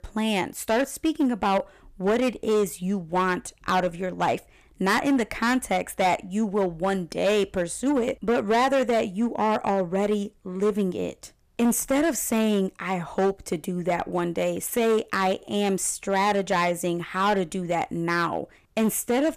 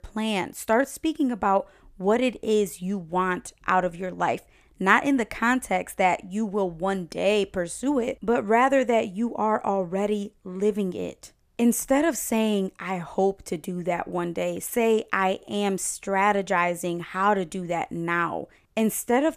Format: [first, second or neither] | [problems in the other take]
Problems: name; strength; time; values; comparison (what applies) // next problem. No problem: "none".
second | distortion; slight; 8% of the sound clipped